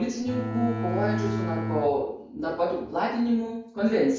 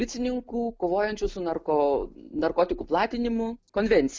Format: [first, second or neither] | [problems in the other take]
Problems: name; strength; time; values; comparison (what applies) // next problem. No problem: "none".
second | background sound (Bowed string instrument); 3 dB below the speech // room echo; dies away in 0.5 s